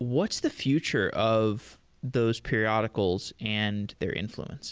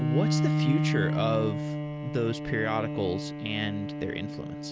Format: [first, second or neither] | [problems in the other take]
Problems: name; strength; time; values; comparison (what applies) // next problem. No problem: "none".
first | background sound (Bowed string instrument); 2 dB above the speech